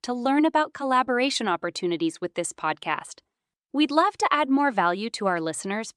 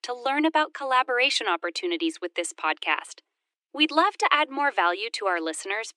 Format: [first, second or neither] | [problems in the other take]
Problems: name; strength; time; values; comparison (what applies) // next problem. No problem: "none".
first | thin; somewhat; fading below 300 Hz